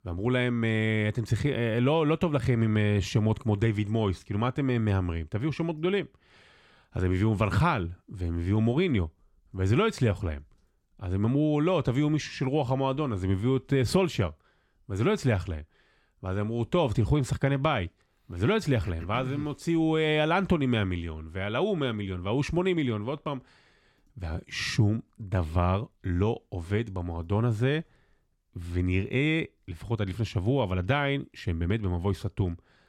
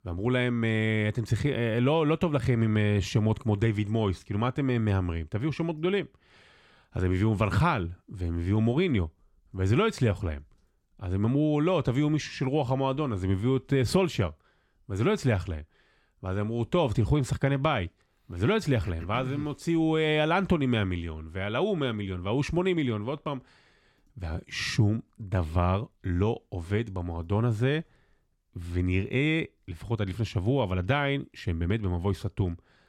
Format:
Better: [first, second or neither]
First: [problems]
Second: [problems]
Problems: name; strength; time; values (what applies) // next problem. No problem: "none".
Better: neither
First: none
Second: none